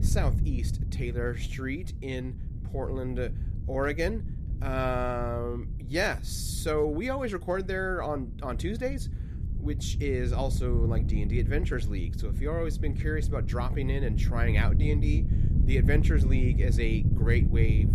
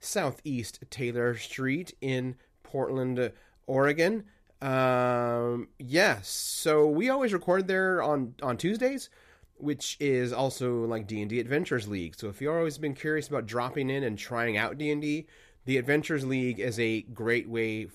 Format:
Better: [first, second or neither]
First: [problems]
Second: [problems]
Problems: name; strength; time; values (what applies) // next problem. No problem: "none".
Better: second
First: wind noise on the microphone; occasional gusts; 10 dB below the speech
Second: none